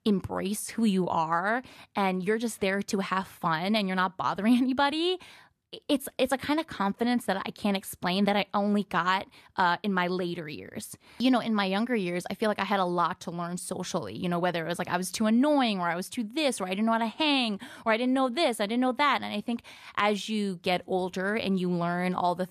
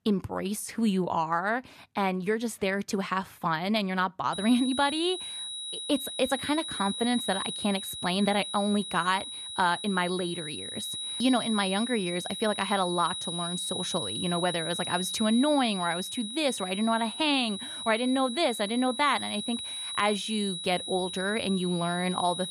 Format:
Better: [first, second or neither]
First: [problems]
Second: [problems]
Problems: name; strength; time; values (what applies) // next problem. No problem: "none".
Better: first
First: none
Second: high-pitched whine; loud; from 4.5 s on; 4 kHz, 5 dB below the speech